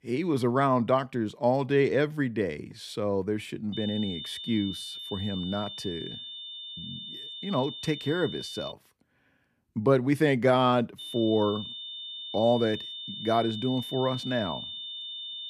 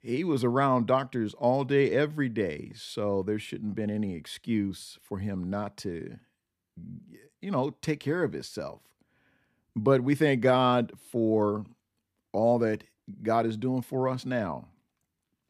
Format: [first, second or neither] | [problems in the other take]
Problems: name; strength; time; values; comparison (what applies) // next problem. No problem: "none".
second | high-pitched whine; loud; from 3.5 to 8.5 s and from 11 s on; 3.5 kHz, 9 dB below the speech